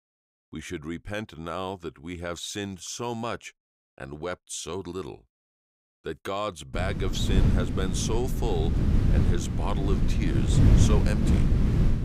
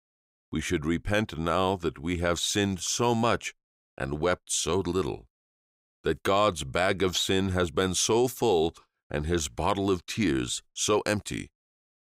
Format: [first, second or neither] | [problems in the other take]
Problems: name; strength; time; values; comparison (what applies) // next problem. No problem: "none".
second | wind noise on the microphone; heavy; from 6.5 s on; 1 dB below the speech